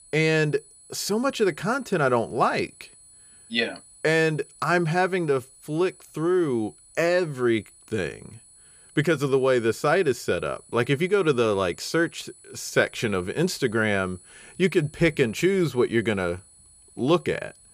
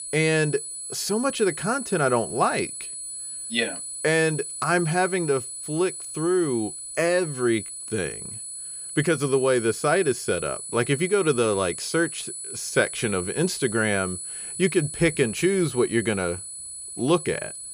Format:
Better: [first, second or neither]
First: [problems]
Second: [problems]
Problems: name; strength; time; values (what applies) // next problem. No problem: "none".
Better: first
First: high-pitched whine; faint; throughout; 10 kHz, 25 dB below the speech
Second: high-pitched whine; loud; throughout; 10 kHz, 8 dB below the speech